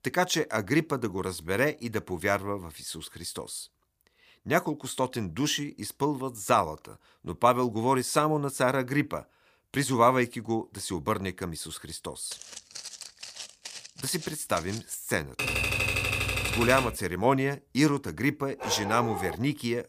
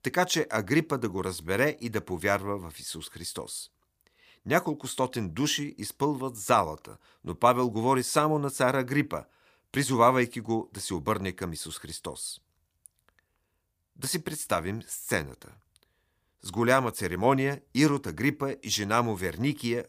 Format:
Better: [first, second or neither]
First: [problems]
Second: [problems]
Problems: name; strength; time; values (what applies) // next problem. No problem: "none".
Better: second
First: footsteps; faint; from 12 to 15 s; peak 10 dB below the speech // keyboard typing; loud; from 15 to 17 s; peak 3 dB above the speech // dog barking; noticeable; at 19 s; peak 5 dB below the speech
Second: none